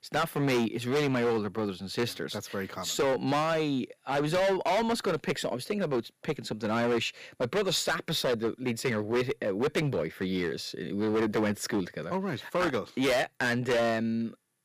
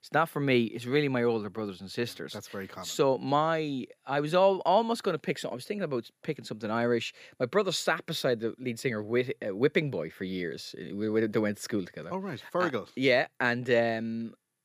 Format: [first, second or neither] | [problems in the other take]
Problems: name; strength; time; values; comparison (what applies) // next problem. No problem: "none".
second | distortion; heavy; 13% of the sound clipped